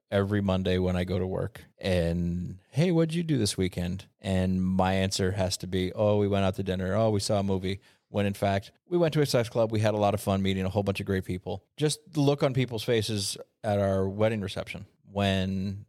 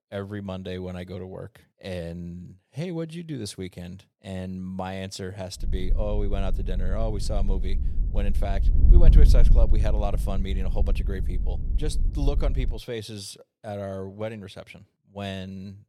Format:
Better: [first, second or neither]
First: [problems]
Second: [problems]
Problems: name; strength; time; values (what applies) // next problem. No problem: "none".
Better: first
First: none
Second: wind noise on the microphone; heavy; from 5.5 to 13 s; 9 dB below the speech